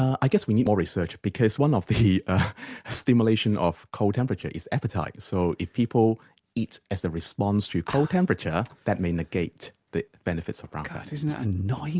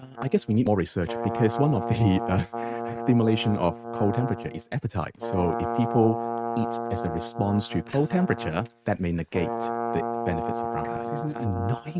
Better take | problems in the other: first | noise reduction (neural mask model RNNoise)

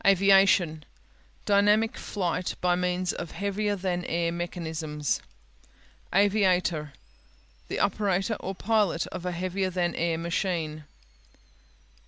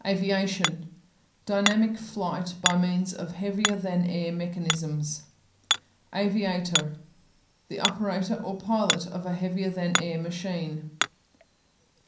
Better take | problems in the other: first | background sound (Hammer); 5 dB below the speech // room echo; dies away in 0.6 s

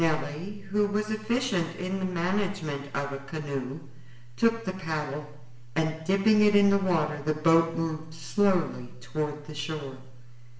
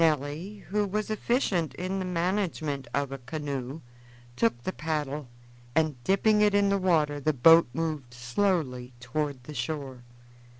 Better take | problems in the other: second | room echo; dies away in 0.8 s

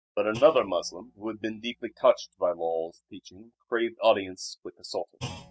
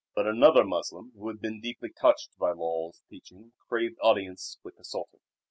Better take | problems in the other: second | noise reduction (neural mask model DeepFilterNet 3)

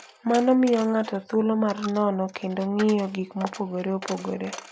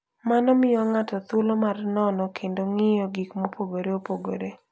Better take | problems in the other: second | background sound (Coin (dropping)); 18 dB below the speech

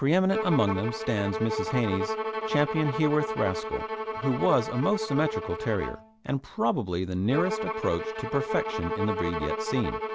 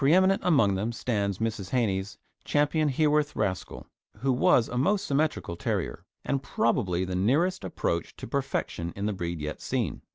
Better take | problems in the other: second | background sound (Bowed string instrument); 4 dB below the speech

